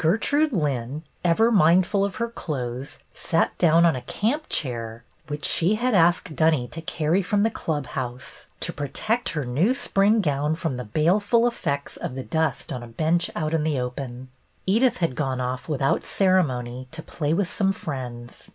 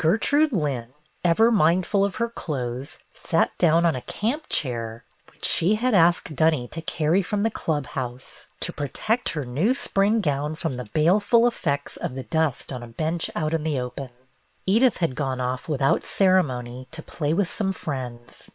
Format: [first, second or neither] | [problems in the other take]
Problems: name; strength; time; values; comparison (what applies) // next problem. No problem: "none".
first | noise reduction (neural separator model SepFormer WHAM!)